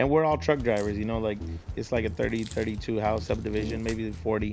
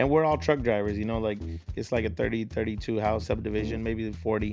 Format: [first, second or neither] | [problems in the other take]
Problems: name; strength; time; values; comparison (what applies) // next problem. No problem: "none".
second | background sound (Crack); 20 dB below the speech